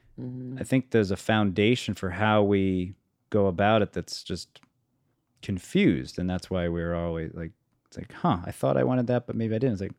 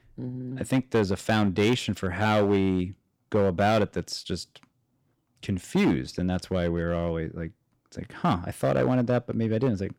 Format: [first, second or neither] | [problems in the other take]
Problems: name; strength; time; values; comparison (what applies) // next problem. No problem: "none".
first | distortion; slight; 5% of the sound clipped